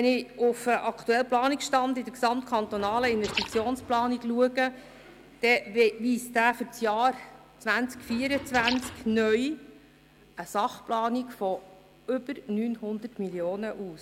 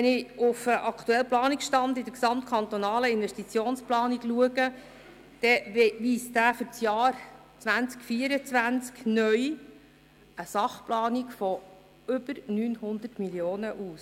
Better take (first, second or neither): second